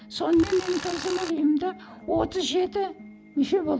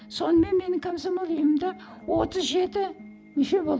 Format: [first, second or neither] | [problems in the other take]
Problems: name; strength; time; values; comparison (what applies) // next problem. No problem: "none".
second | background sound (Tools); 11 dB below the speech